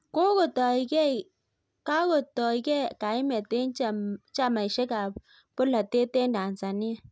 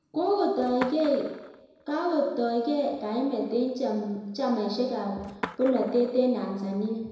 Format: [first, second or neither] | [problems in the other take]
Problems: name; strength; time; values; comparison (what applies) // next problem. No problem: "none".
first | background sound (Skateboard); 18 dB below the speech // room echo; dies away in 1 s